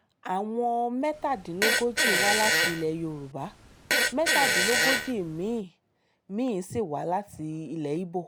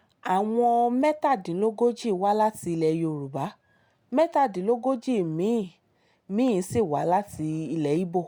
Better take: second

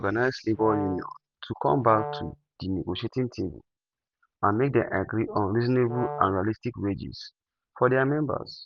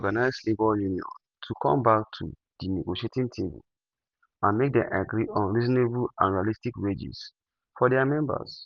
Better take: second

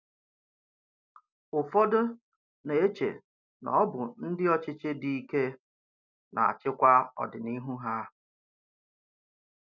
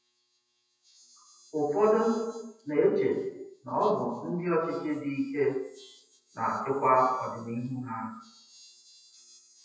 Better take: first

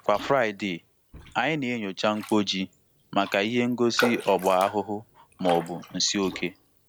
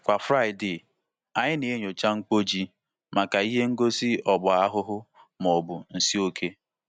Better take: second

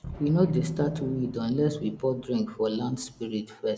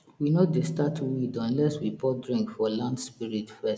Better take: second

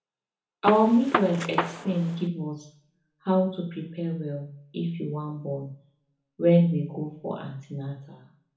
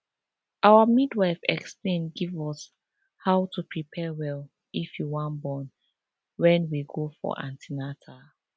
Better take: second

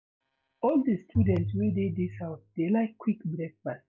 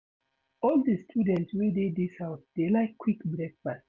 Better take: second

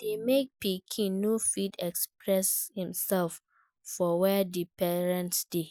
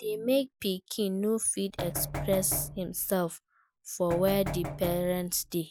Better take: first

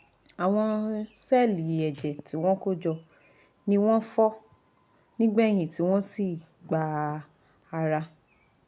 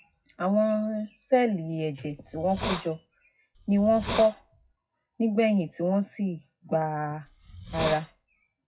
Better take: first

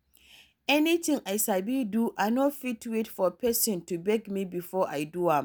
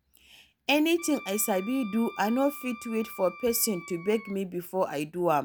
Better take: first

